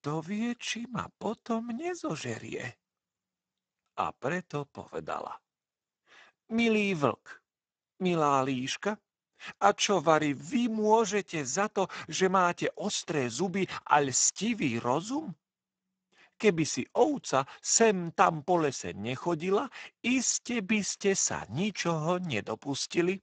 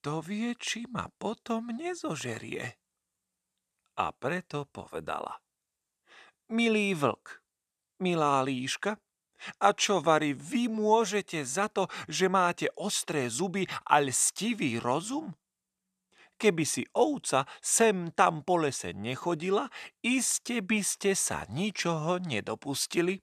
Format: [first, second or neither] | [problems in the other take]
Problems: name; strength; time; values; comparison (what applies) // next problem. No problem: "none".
second | garbled, watery; badly; nothing above 7.5 kHz